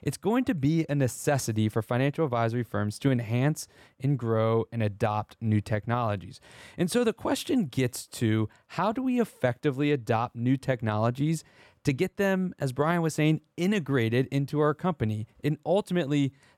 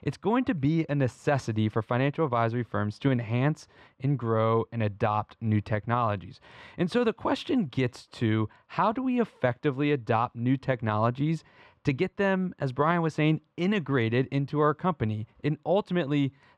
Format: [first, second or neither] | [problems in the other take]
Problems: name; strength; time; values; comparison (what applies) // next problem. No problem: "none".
first | muffled; slightly; fading above 3.5 kHz